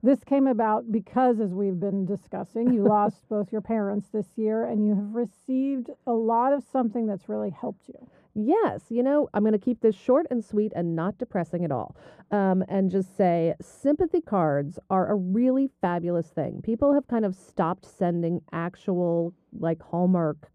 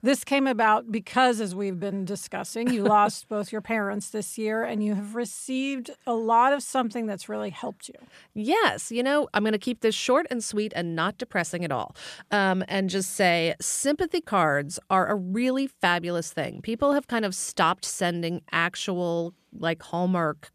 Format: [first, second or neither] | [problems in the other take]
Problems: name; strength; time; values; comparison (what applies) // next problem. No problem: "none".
second | muffled; very; fading above 1.5 kHz